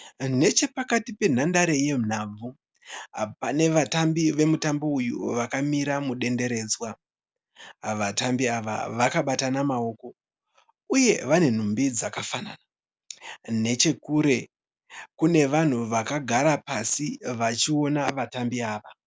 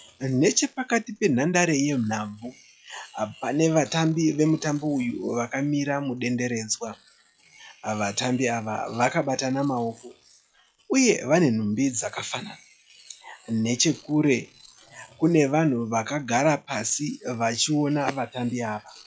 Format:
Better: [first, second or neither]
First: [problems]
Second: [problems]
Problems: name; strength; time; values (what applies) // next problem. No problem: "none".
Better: first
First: none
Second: noise reduction (classical method log-MMSE)